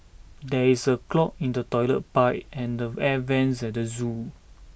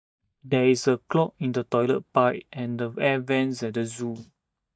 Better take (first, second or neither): first